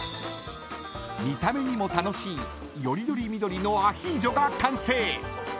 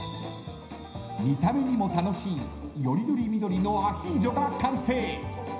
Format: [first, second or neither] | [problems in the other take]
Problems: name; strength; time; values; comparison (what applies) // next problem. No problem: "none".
first | room echo; dies away in 0.9 s